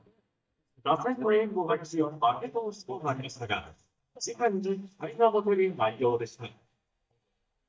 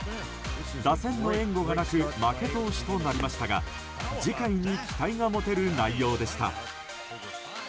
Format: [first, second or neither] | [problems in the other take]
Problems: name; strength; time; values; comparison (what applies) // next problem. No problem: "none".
second | noise reduction (neural mask model DeepFilterNet 3)